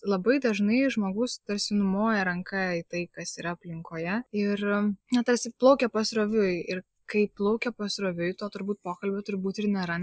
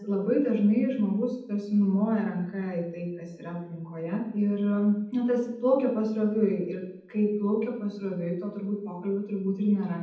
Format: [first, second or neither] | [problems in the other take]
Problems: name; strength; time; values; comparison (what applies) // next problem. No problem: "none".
first | room echo; dies away in 0.8 s